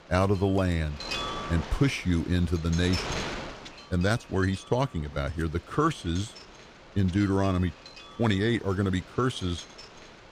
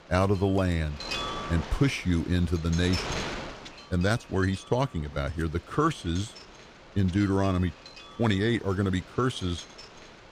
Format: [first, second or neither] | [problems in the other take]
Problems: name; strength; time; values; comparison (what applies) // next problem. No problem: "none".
neither | wind noise on the microphone; heavy; 8 dB below the speech; the same in both